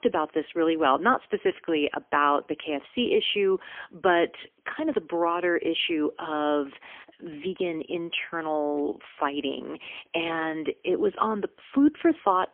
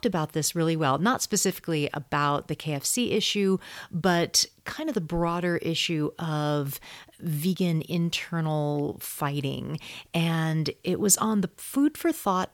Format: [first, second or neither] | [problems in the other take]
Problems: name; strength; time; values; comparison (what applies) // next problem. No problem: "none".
second | phone-call audio; poor line; nothing above 3.5 kHz